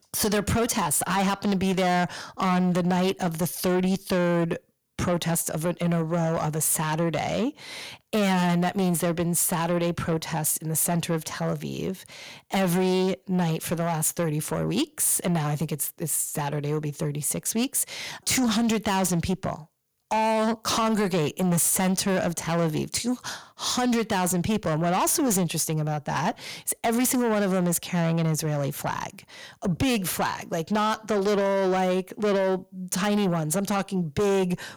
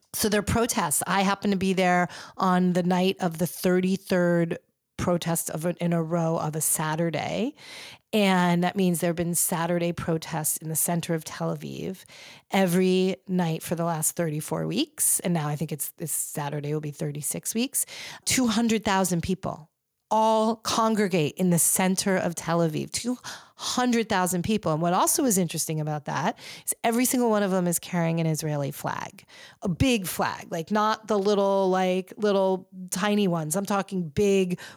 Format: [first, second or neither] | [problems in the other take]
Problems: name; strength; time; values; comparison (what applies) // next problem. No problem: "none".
second | distortion; slight; 10 dB below the speech